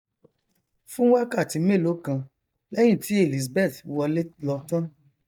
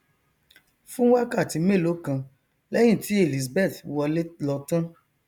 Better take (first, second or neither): second